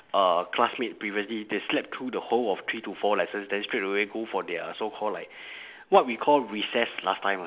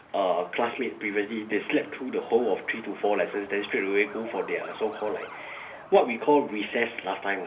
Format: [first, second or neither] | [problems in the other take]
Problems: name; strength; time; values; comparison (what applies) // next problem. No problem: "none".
first | background sound (Truck); 18 dB below the speech // room echo; dies away in 0.3 s